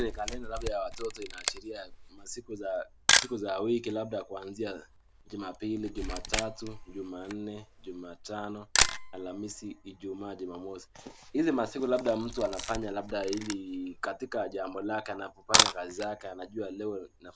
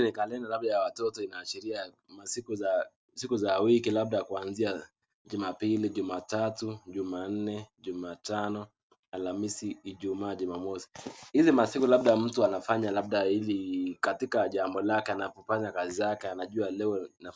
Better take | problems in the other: second | background sound (Camera); as loud as the speech

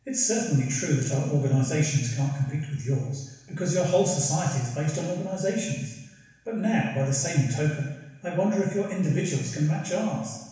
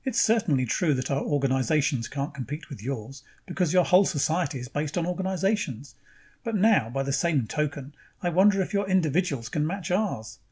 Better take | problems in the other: second | room echo; dies away in 1.1 s

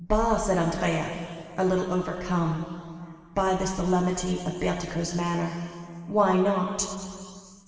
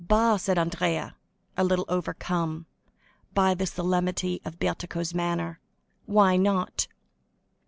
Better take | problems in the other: second | room echo; dies away in 2.4 s

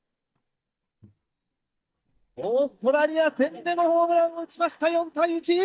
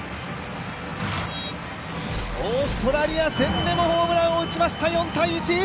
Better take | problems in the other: second | noise reduction (neural mask model DeepFilterNet 3)

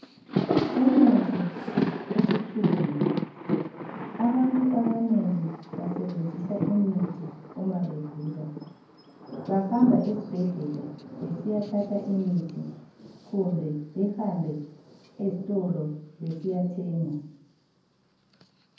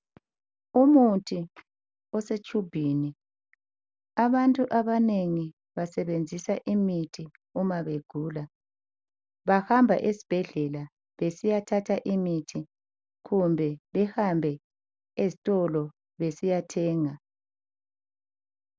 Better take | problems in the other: second | background sound (Thunder); 5 dB below the speech // room echo; dies away in 0.9 s

